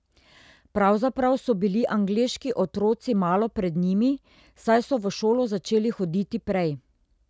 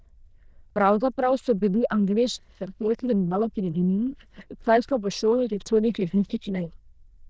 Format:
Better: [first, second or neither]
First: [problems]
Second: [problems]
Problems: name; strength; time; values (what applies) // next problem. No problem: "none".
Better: first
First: none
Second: noise reduction (neural diffusion model UNIVERSE++)